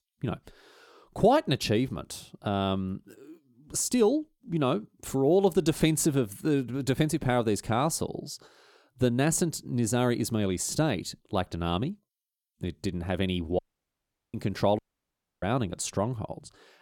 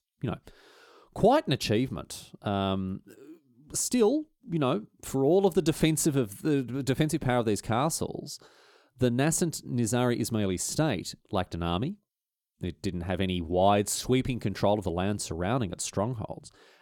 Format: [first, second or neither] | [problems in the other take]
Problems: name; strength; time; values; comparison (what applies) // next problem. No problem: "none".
second | audio cutting out; at 14 s for 1 s and at 15 s for 0.5 s